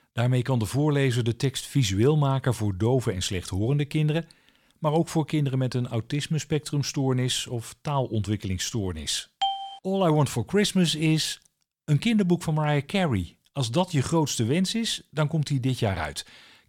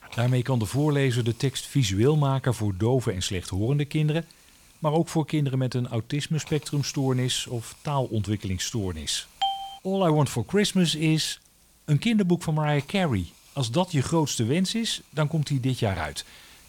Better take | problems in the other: first | hiss; faint; throughout; 25 dB below the speech

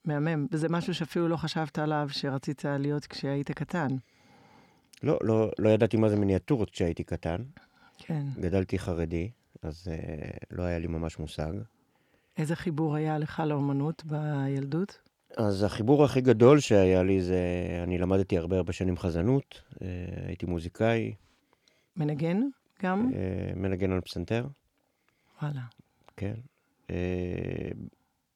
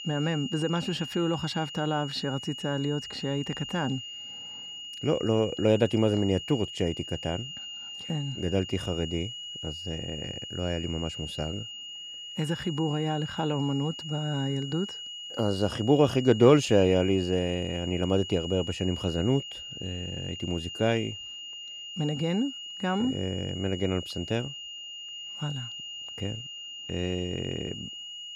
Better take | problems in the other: first | high-pitched whine; loud; throughout; 3 kHz, 9 dB below the speech

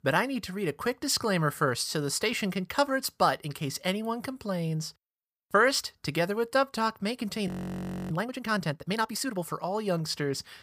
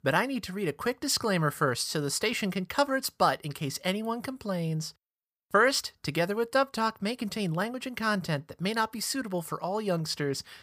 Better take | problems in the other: second | audio freezing; at 7.5 s for 0.5 s

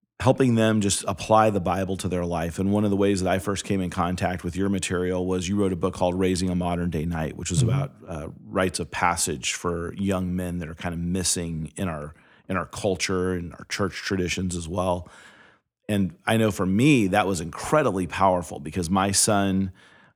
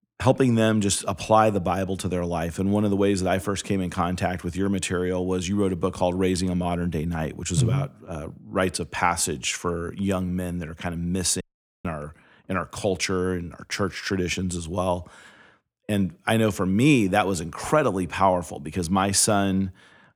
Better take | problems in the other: first | audio cutting out; at 11 s

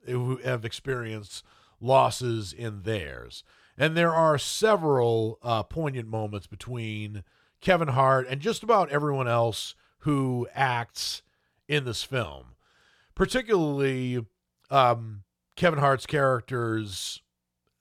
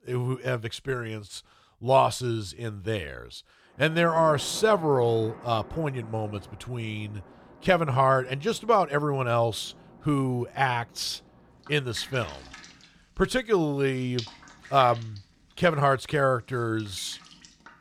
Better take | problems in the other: first | rain or running water; faint; from 4 s on; 20 dB below the speech

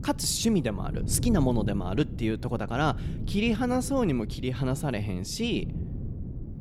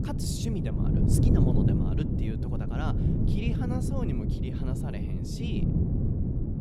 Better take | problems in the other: first | wind noise on the microphone; heavy; 3 dB above the speech; occasional gusts in the first

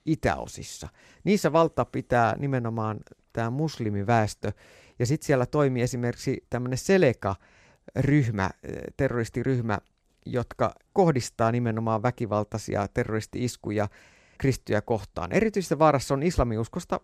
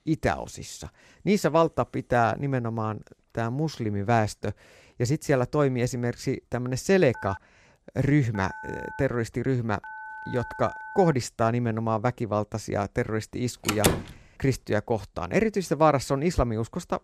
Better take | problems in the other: first | phone ringing; faint; from 7 to 11 s; peak 10 dB below the speech // door banging; loud; at 14 s; peak 2 dB above the speech

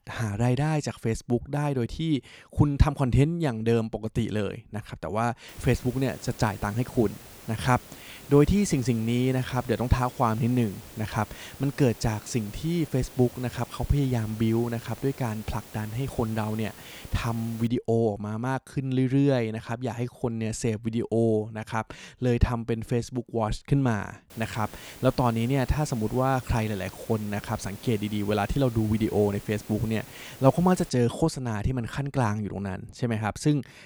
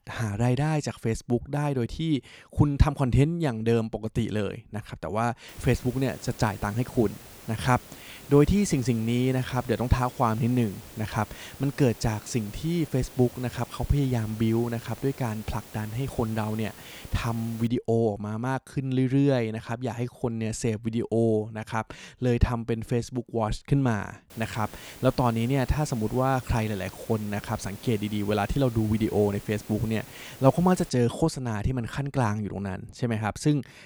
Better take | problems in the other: neither | hiss; noticeable; from 5.5 to 18 s and from 24 to 31 s; 20 dB below the speech; the same in both

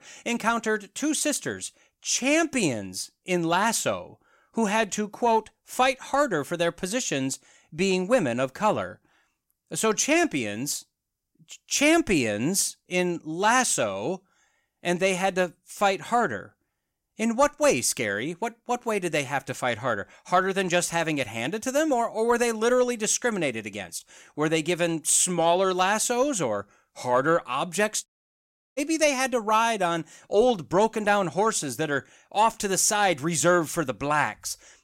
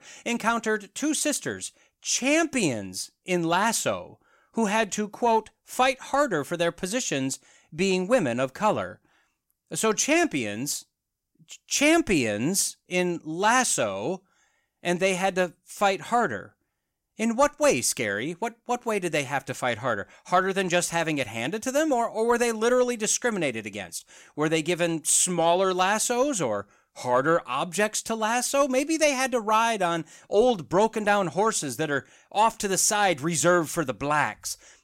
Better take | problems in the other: second | audio cutting out; at 28 s for 0.5 s

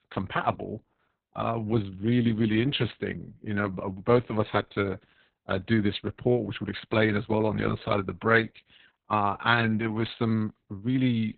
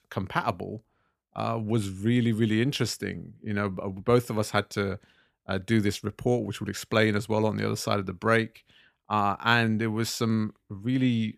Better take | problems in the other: second | garbled, watery; badly; nothing above 4 kHz

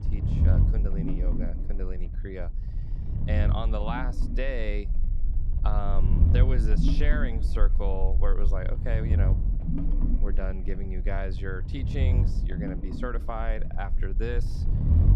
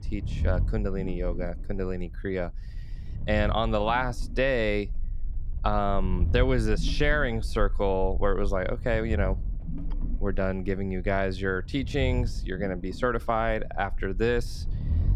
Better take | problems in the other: second | low rumble; loud; throughout; 5 dB below the speech; faint in the second

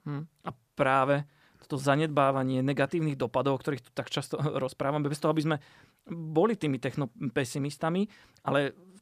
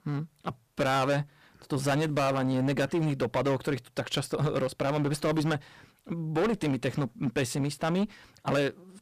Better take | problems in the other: first | distortion; heavy; 13% of the sound clipped

